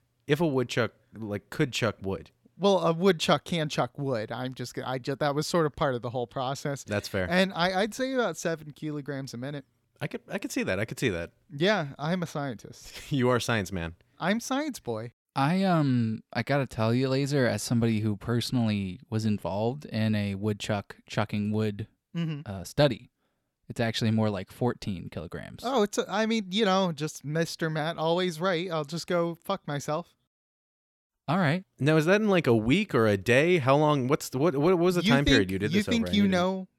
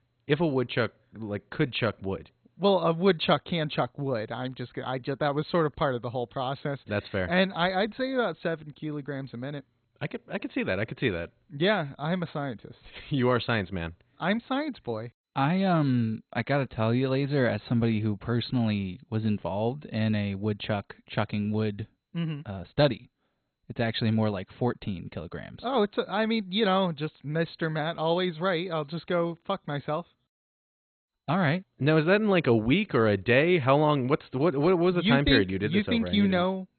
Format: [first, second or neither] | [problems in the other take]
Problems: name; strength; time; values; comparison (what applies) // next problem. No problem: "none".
first | garbled, watery; badly; nothing above 4 kHz